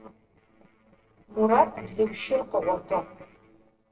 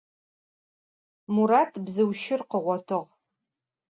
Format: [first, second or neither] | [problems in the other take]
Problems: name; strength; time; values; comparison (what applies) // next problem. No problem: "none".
second | noise reduction (neural separator model SepFormer DNS4)